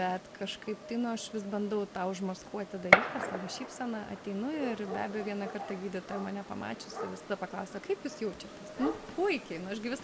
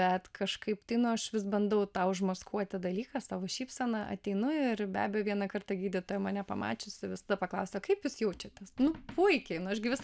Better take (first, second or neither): second